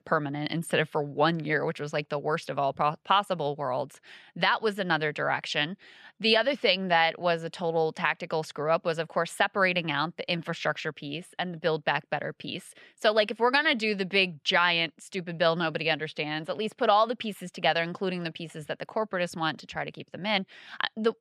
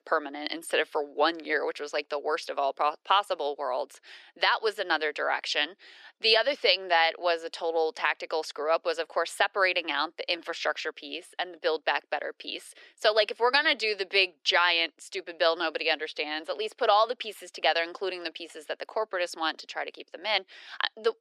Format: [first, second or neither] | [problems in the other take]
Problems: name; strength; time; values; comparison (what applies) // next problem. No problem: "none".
first | thin; very; fading below 300 Hz